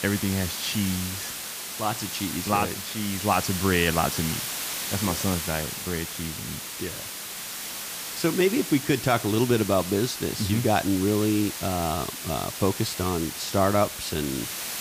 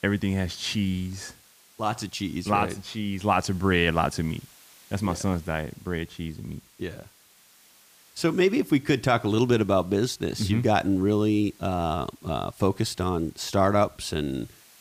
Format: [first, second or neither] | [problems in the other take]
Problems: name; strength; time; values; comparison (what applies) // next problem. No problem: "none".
second | hiss; loud; throughout; 5 dB below the speech; faint in the second